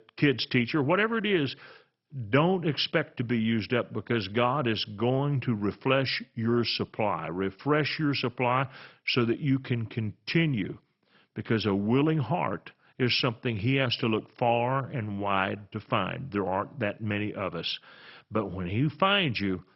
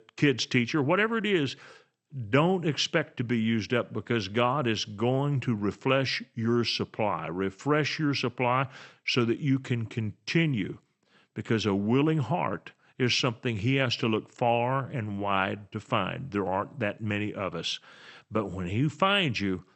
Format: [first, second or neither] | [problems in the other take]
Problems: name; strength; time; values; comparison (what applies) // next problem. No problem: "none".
second | garbled, watery; badly; nothing above 5.5 kHz; slightly in the second